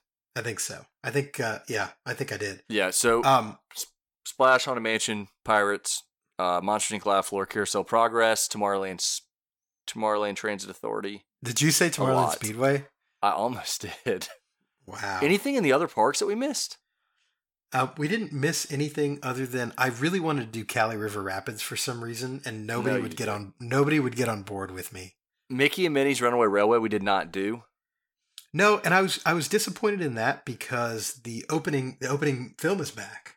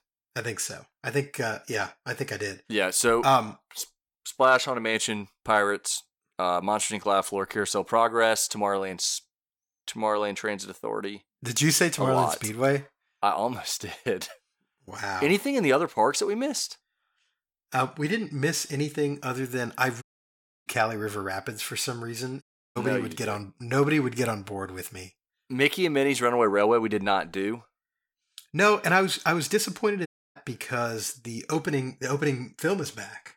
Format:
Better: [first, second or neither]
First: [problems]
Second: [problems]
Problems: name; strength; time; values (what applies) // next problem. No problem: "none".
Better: first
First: none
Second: audio cutting out; at 20 s for 0.5 s, at 22 s and at 30 s